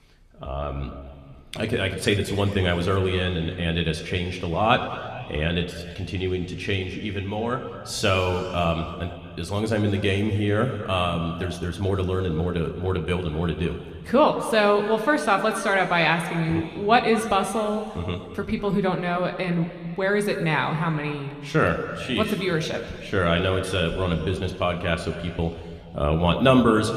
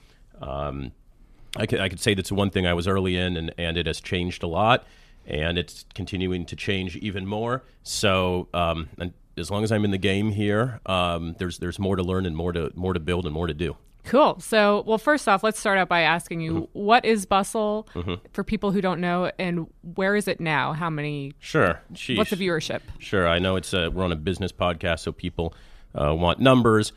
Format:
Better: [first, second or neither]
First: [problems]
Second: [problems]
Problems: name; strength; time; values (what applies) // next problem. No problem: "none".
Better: second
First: room echo; slight; dies away in 2.3 s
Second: none